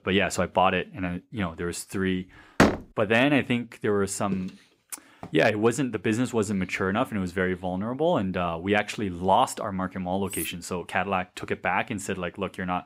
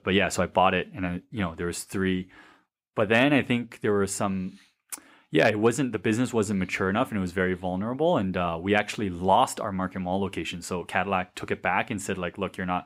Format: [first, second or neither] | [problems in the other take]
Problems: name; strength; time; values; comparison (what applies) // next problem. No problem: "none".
second | door banging; loud; at 2.5 s; peak 4 dB above the speech // footsteps; faint; at 4.5 s; peak 15 dB below the speech // clattering dishes; noticeable; at 10 s; peak 8 dB below the speech